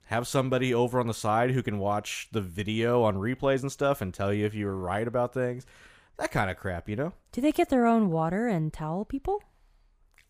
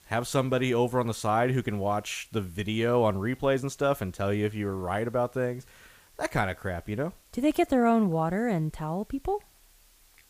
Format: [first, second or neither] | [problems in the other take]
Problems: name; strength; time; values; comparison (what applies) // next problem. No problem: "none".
first | hiss; faint; throughout; 30 dB below the speech